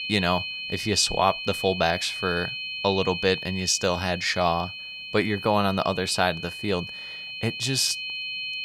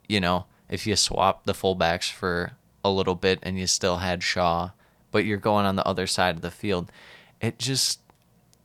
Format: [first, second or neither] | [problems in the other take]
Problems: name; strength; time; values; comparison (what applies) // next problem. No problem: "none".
second | high-pitched whine; loud; throughout; 2.5 kHz, 7 dB below the speech